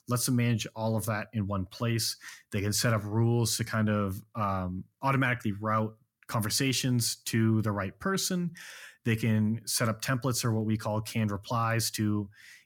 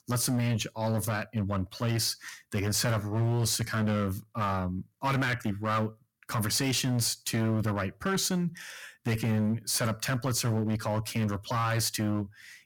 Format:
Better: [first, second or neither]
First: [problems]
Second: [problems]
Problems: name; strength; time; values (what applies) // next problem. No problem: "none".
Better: first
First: none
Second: distortion; slight; 12% of the sound clipped